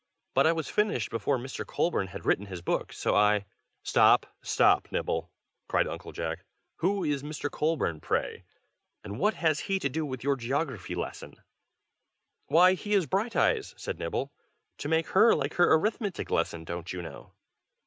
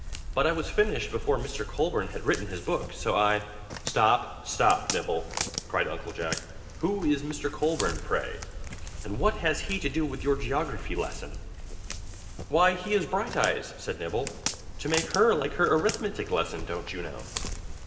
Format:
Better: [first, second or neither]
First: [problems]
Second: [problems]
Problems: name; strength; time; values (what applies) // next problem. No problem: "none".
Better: first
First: none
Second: background sound (Walk, footsteps); 7 dB below the speech // room echo; dies away in 1.7 s